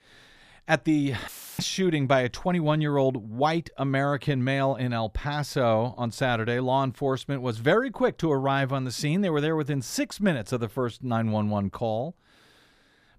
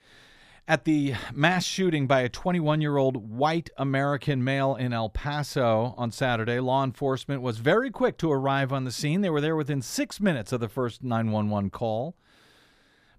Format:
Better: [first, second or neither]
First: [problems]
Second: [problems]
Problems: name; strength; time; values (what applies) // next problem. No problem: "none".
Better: second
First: audio cutting out; filled with static; at 1.5 s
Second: none